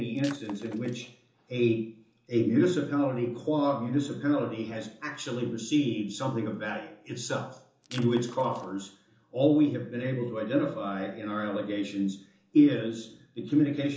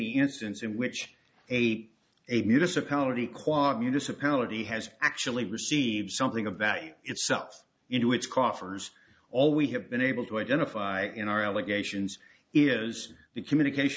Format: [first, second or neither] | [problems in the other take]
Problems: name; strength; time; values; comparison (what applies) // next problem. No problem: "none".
second | background sound (Shatter); 19 dB below the speech // room echo; dies away in 0.6 s